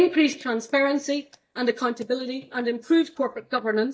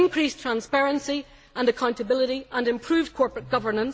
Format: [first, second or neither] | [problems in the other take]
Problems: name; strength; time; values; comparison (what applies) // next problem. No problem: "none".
second | noise reduction (neural mask model DeepFilterNet 3)